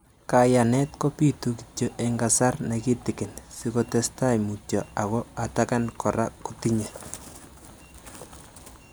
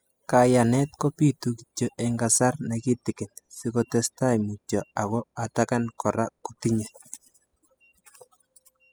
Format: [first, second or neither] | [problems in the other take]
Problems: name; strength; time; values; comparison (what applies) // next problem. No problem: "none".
first | noise reduction (classical method spectral subtraction)